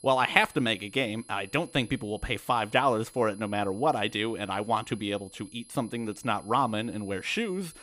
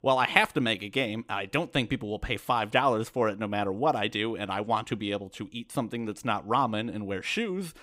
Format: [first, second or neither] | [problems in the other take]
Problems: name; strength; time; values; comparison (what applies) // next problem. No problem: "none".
second | high-pitched whine; faint; throughout; 10.5 kHz, 25 dB below the speech